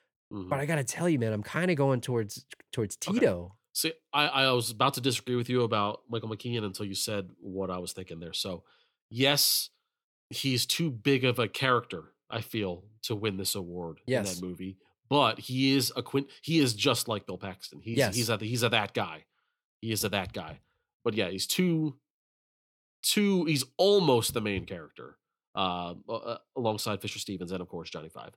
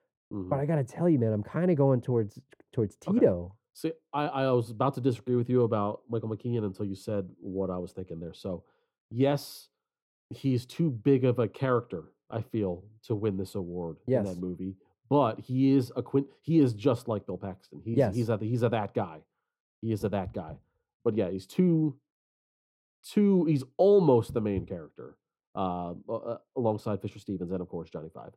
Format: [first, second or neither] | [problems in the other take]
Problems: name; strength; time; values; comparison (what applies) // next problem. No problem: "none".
first | muffled; very; fading above 1.5 kHz